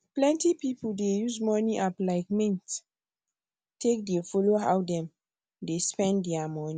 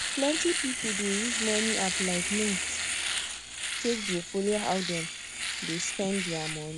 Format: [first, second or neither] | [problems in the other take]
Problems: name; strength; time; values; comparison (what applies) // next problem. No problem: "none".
first | background sound (Domestic sounds, home sounds); as loud as the speech